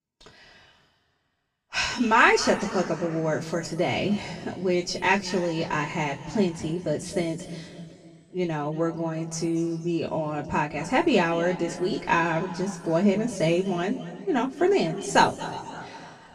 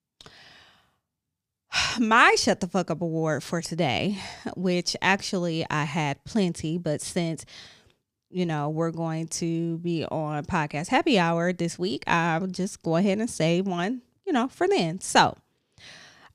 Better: second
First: room echo; noticeable; dies away in 2.1 s // off-mic speech; far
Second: none

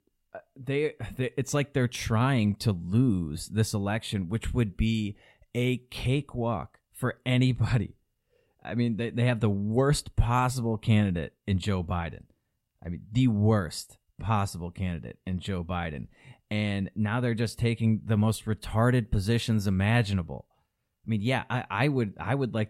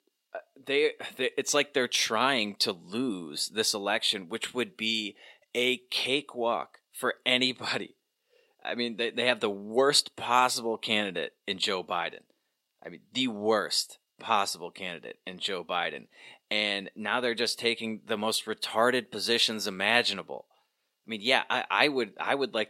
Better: first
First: none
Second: thin; very; fading below 350 Hz

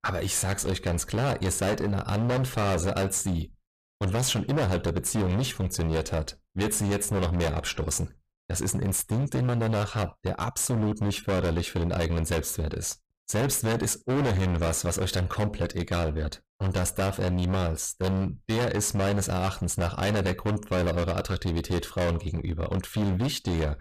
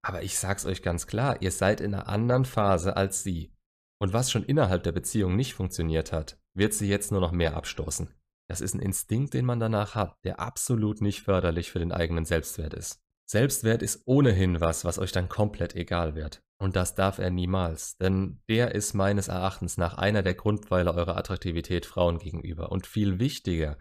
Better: second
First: distortion; heavy; 26% of the sound clipped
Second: none

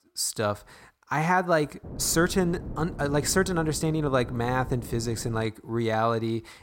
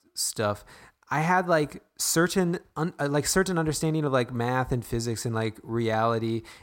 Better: second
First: wind noise on the microphone; occasional gusts; from 2 to 5.5 s; 20 dB below the speech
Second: none

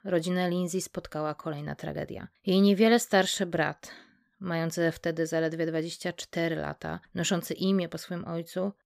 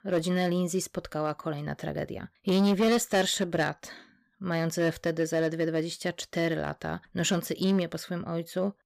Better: first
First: none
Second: distortion; slight; 5% of the sound clipped

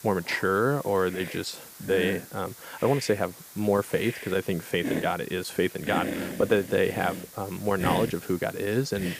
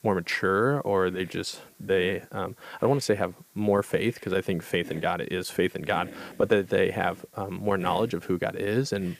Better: second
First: hiss; loud; throughout; 9 dB below the speech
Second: hiss; faint; throughout; 20 dB below the speech

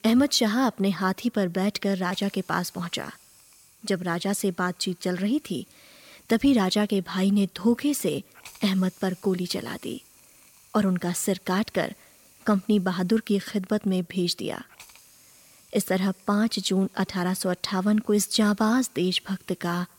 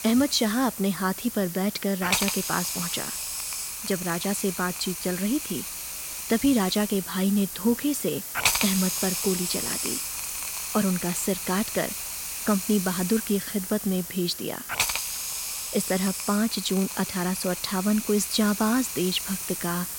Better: first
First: hiss; faint; throughout; 25 dB below the speech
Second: hiss; loud; throughout; 3 dB below the speech

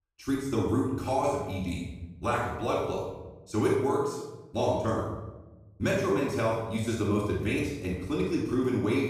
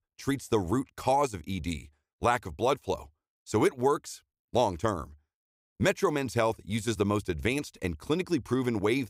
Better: second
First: off-mic speech; far // room echo; noticeable; dies away in 1 s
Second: none

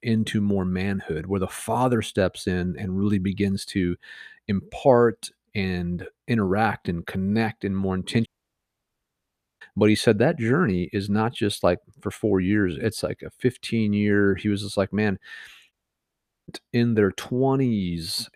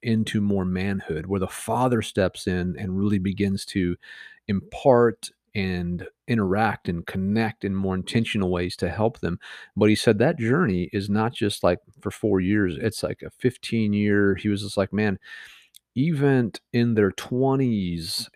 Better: second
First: audio cutting out; at 8.5 s for 1.5 s and at 16 s for 1 s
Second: none

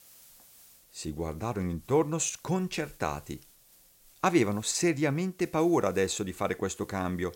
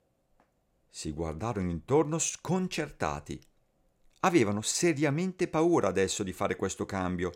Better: second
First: hiss; faint; throughout; 25 dB below the speech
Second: none

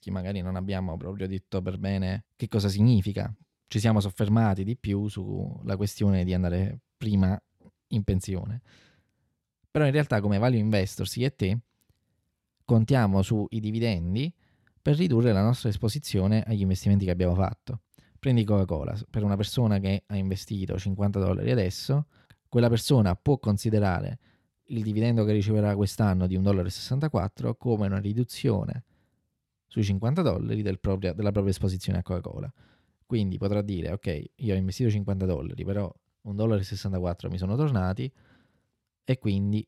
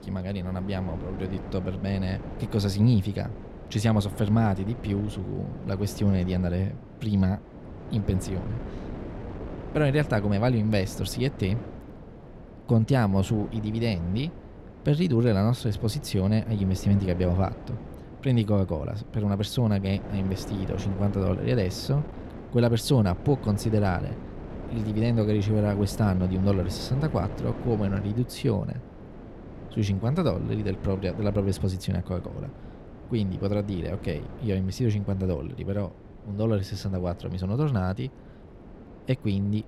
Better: first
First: none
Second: wind noise on the microphone; occasional gusts; 10 dB below the speech

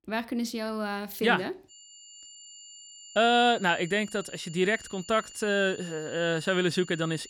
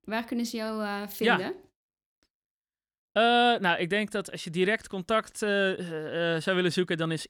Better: second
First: high-pitched whine; noticeable; from 1.5 s on; 7 kHz, 20 dB below the speech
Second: none

